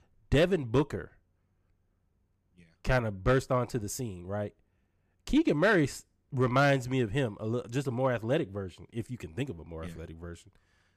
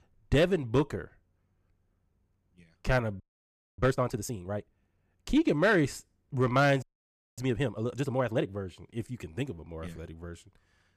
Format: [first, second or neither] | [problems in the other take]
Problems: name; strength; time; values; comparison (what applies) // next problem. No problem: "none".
first | audio freezing; at 3 s for 0.5 s and at 7 s for 0.5 s